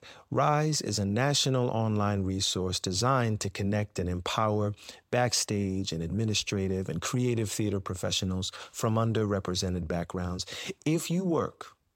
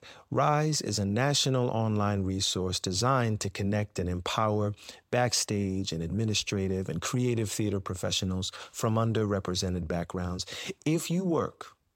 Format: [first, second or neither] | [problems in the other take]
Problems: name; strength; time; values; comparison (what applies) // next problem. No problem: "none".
neither | none